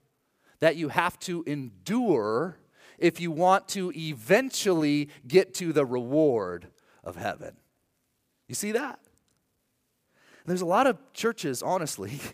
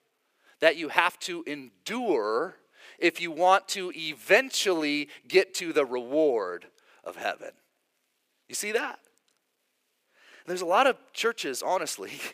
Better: first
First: none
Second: thin; somewhat; fading below 400 Hz

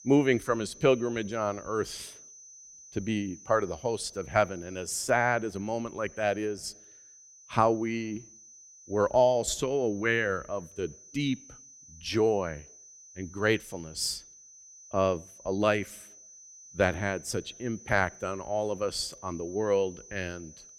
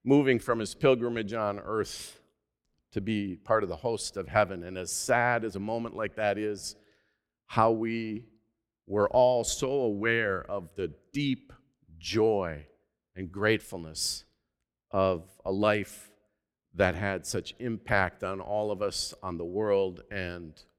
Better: second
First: high-pitched whine; noticeable; throughout; 6 kHz, 20 dB below the speech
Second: none

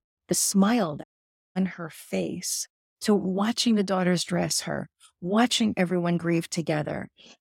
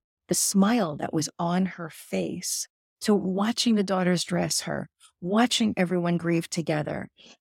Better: second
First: audio cutting out; at 1 s for 0.5 s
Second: none

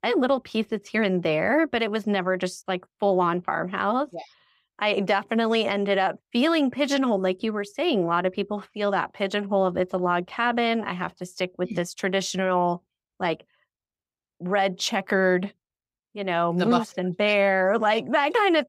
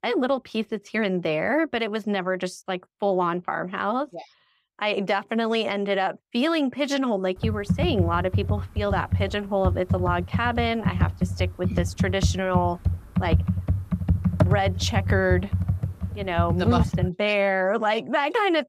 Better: first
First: none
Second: keyboard typing; loud; from 7.5 to 17 s; peak 4 dB above the speech

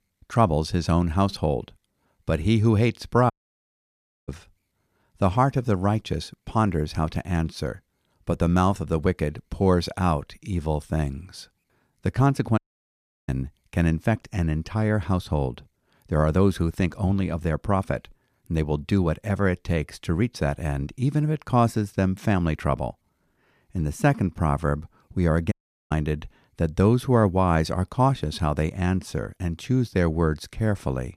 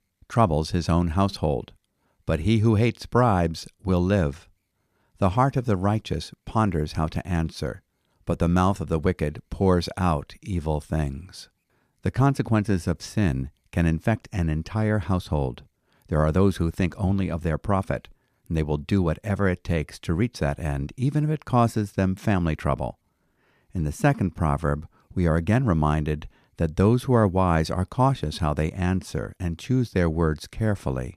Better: second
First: audio cutting out; at 3.5 s for 1 s, at 13 s for 0.5 s and at 26 s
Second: none

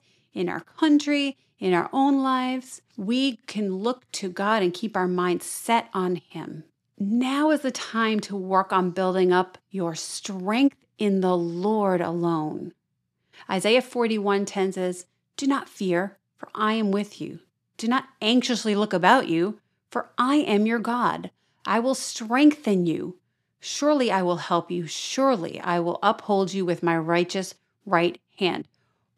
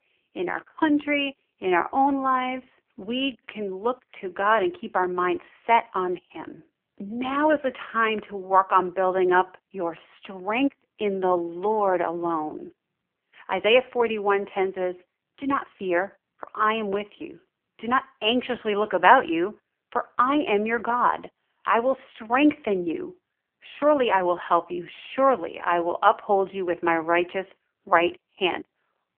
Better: first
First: none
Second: phone-call audio; poor line; nothing above 3 kHz

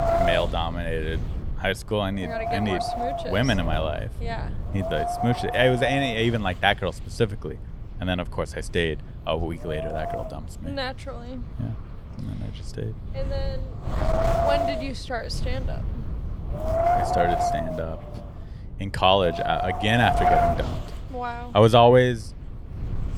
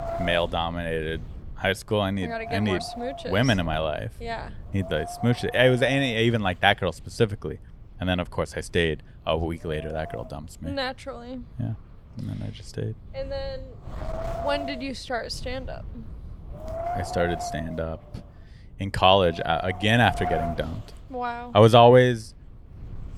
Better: second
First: wind noise on the microphone; heavy; 1 dB below the speech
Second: wind noise on the microphone; occasional gusts; 10 dB below the speech

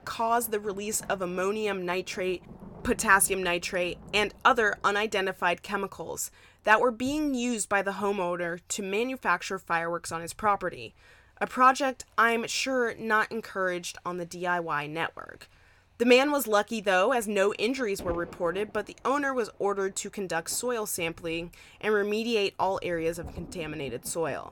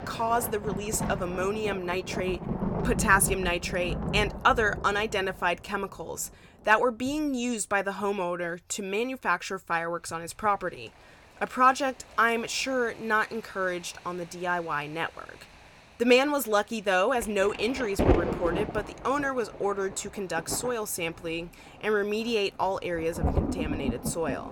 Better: first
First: rain or running water; faint; throughout; 20 dB below the speech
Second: rain or running water; loud; throughout; 6 dB below the speech

